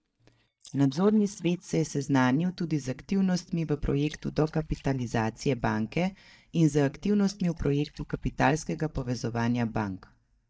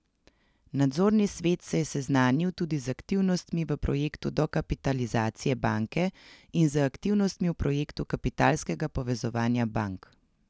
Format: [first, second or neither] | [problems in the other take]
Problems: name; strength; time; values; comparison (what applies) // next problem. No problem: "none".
second | noise reduction (neural mask model DeepFilterNet 3)